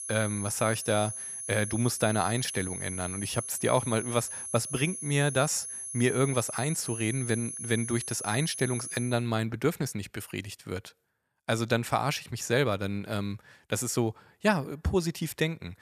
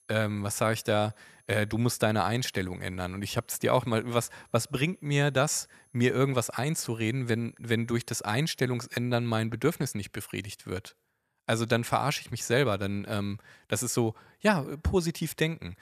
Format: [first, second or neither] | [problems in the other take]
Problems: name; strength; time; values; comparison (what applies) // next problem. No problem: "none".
second | high-pitched whine; loud; until 9 s; 10.5 kHz, 6 dB below the speech; faint in the second